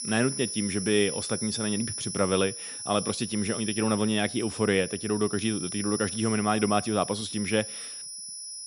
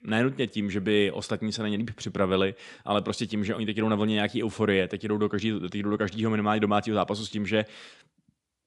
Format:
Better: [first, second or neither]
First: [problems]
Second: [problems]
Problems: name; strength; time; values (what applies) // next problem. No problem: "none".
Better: second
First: high-pitched whine; loud; throughout; 10 kHz, 6 dB below the speech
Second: none